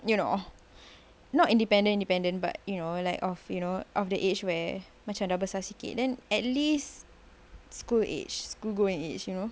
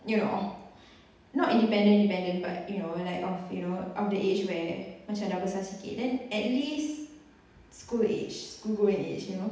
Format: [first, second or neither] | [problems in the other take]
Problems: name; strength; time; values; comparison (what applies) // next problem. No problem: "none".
first | room echo; dies away in 0.8 s